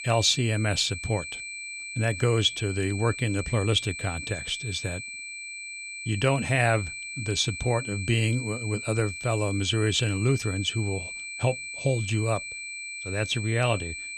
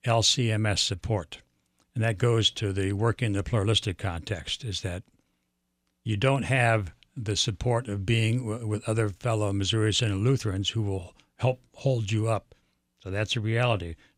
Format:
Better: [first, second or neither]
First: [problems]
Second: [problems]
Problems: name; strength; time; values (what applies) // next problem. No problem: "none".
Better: second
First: high-pitched whine; loud; throughout; 2.5 kHz, 8 dB below the speech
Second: none